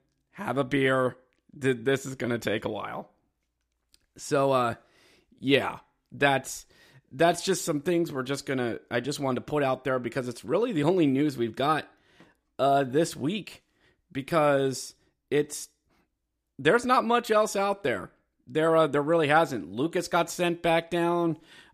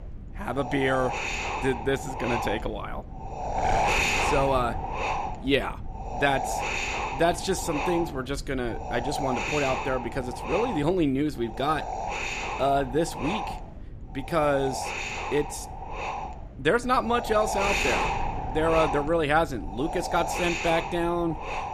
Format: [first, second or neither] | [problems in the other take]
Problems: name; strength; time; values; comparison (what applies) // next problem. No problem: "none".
first | wind noise on the microphone; heavy; 2 dB below the speech